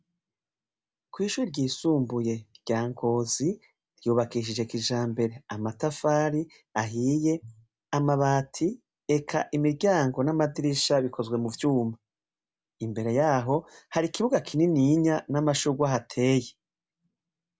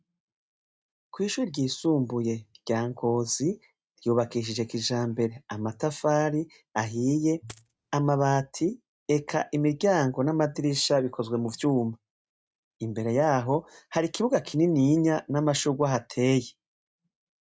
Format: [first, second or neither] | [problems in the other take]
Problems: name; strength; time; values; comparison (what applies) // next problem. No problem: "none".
first | noise reduction (neural mask model RNNoise)